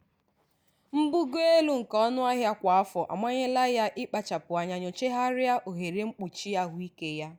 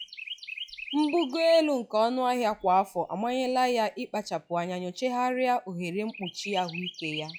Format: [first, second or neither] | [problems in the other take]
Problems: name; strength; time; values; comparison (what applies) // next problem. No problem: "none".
first | noise reduction (classical method log-MMSE)